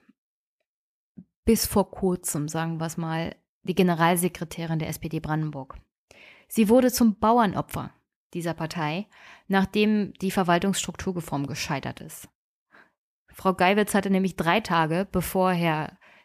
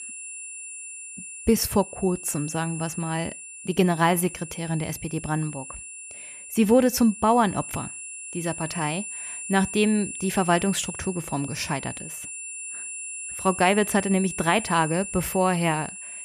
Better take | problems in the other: first | high-pitched whine; loud; throughout; 9.5 kHz, 10 dB below the speech

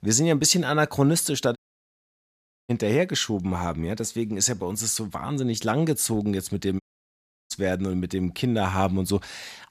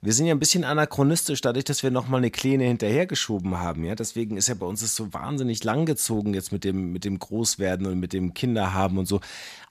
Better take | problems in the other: second | audio cutting out; at 1.5 s for 1 s and at 7 s for 0.5 s

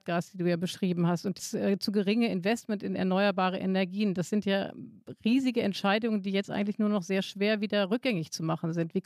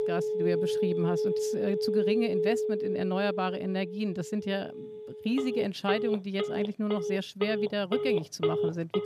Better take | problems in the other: first | alarms or sirens; very loud; throughout; 1 dB above the speech

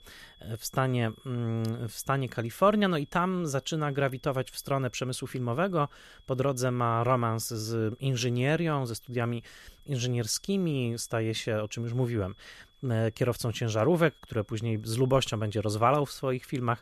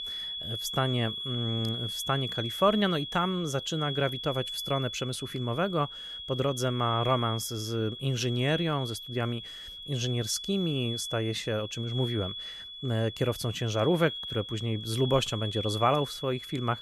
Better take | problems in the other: first | high-pitched whine; loud; throughout; 3.5 kHz, 6 dB below the speech; faint in the first

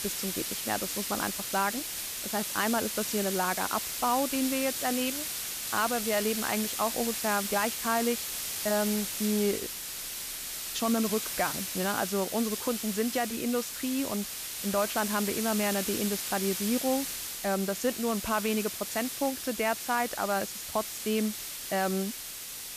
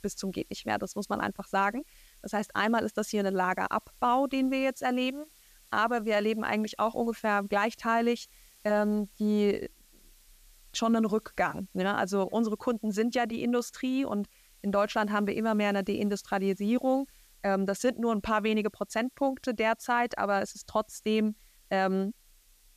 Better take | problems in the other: second | hiss; loud; throughout; 2 dB below the speech; faint in the second

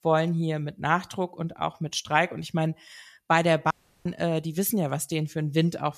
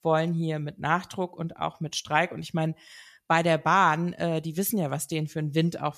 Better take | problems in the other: second | audio cutting out; at 3.5 s

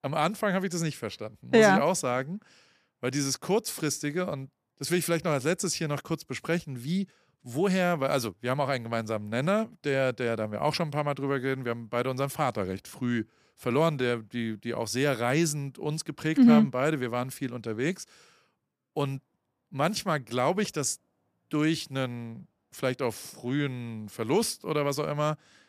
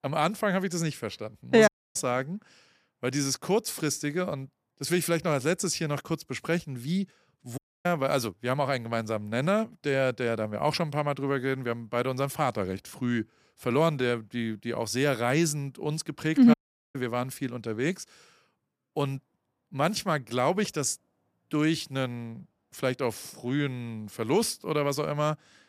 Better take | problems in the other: first | audio cutting out; at 1.5 s, at 7.5 s and at 17 s

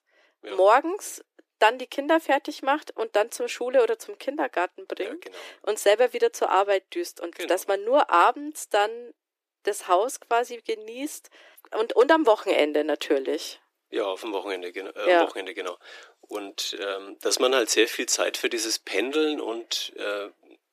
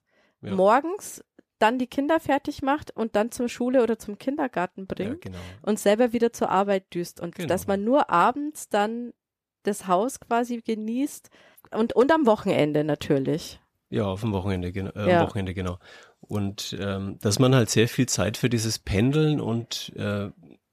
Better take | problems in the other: second | thin; very; fading below 300 Hz

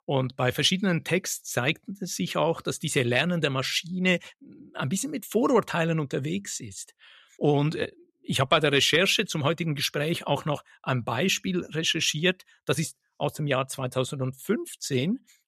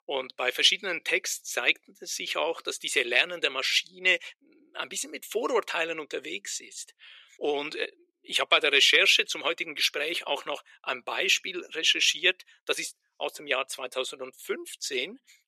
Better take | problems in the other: first | thin; very; fading below 400 Hz

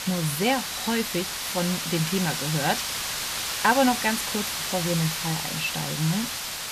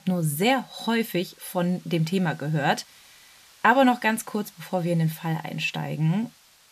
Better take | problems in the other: second | hiss; loud; throughout; 1 dB below the speech; faint in the second

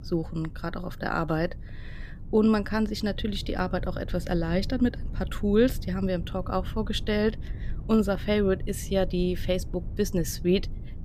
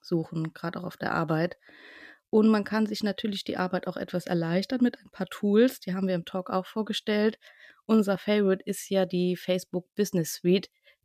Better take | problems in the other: second | low rumble; faint; throughout; 20 dB below the speech

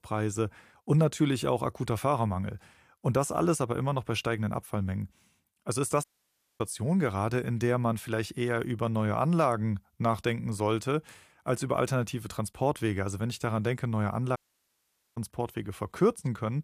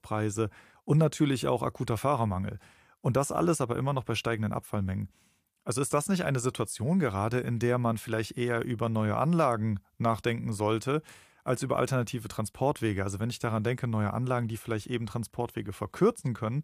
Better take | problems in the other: second | audio cutting out; at 6 s for 0.5 s and at 14 s for 1 s

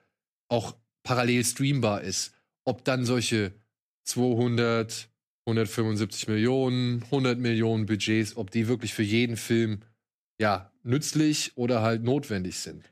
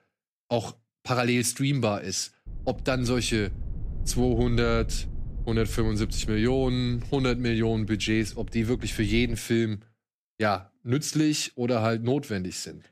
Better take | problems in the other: first | low rumble; faint; from 2.5 to 9.5 s; 25 dB below the speech

